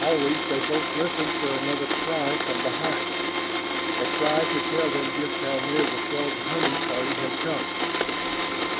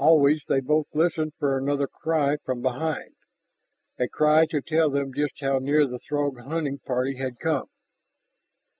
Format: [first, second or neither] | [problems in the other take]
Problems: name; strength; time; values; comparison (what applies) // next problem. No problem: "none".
second | background sound (Domestic sounds, home sounds); 3 dB above the speech